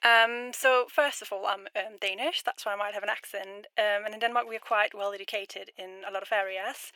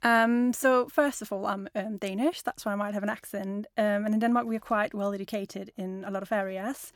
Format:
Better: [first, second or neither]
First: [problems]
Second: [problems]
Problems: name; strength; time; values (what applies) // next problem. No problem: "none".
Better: second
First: thin; very; fading below 450 Hz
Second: none